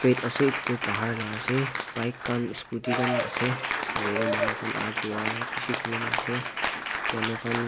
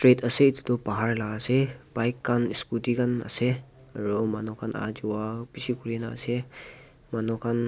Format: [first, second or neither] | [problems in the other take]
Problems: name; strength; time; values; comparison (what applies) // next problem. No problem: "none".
second | background sound (Applause / Cheering); 1 dB below the speech